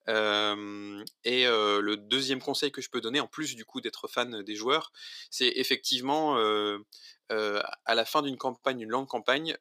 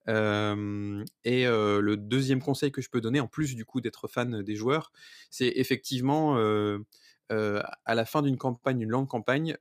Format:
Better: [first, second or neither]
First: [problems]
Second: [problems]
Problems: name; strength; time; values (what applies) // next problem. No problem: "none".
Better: second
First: thin; somewhat; fading below 400 Hz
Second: none